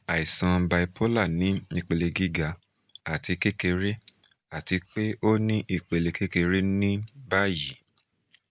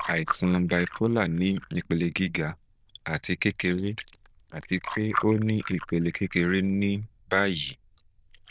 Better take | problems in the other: first | noise reduction (neural diffusion model UNIVERSE++)

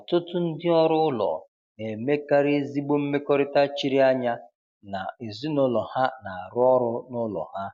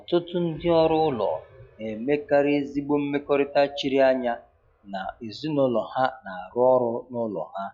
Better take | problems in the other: first | noise reduction (classical method log-MMSE)

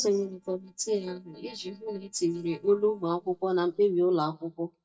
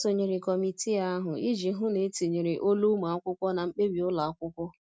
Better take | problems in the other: second | noise reduction (neural mask model DeepFilterNet 3)

